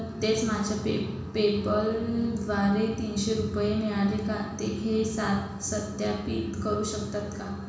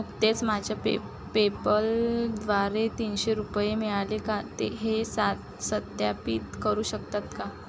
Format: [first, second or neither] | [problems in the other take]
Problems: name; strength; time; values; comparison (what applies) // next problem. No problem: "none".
second | room echo; dies away in 1.1 s